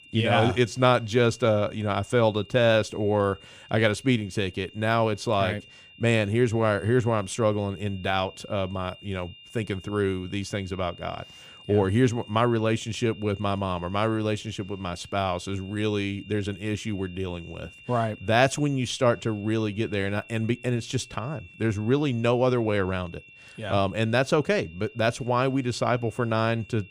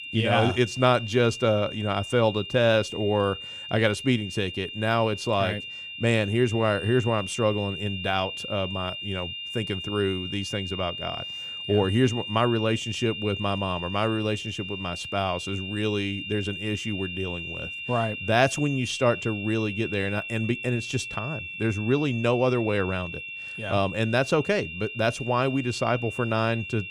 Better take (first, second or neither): first